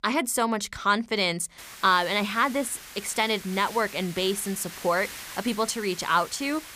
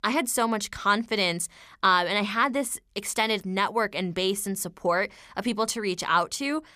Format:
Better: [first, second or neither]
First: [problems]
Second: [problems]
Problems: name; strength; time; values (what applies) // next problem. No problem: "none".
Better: second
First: hiss; noticeable; from 1.5 s on; 15 dB below the speech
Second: none